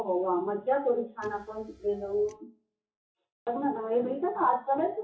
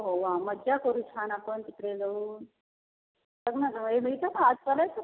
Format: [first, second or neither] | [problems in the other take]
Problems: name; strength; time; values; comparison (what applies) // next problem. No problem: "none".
second | noise reduction (classical method WPE with log-MMSE)